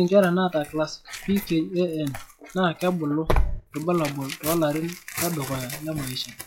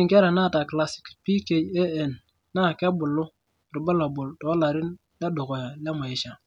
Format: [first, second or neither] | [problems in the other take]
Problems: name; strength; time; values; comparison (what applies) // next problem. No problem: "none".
second | noise reduction (classical method log-MMSE)